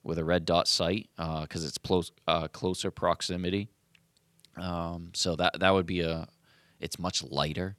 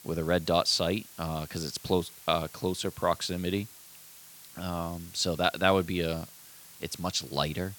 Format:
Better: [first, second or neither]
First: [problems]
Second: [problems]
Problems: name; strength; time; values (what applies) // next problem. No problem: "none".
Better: first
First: none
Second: hiss; noticeable; throughout; 20 dB below the speech